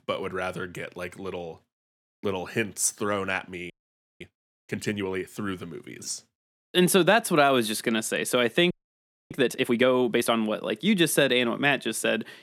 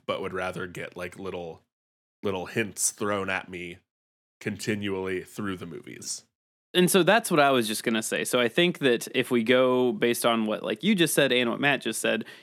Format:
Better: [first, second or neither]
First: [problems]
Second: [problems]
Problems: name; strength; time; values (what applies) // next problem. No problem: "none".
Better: second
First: audio freezing; at 3.5 s for 0.5 s and at 8.5 s for 0.5 s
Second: none